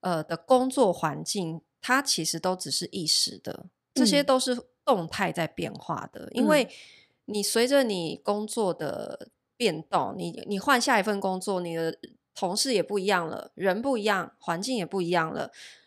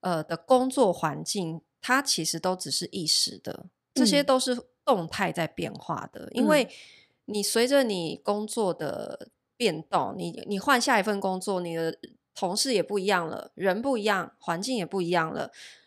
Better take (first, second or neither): neither